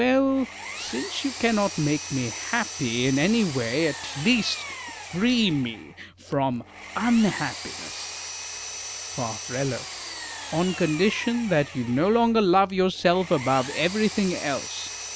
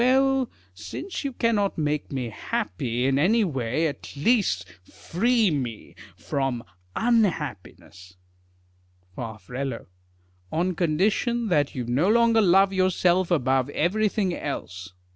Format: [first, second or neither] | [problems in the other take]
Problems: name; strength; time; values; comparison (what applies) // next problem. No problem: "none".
second | background sound (Power tool); 11 dB below the speech